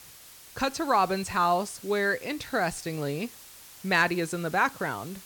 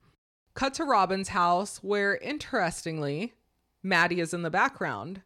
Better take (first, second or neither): second